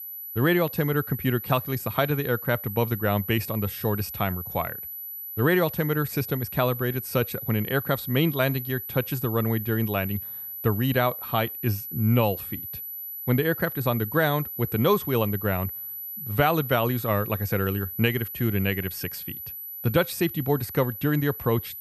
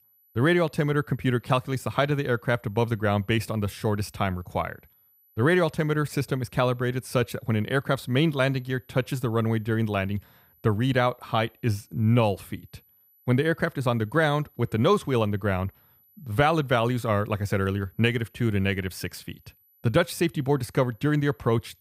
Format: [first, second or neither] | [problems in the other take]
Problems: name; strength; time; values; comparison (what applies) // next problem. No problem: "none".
second | high-pitched whine; loud; throughout; 12 kHz, 7 dB below the speech; faint in the second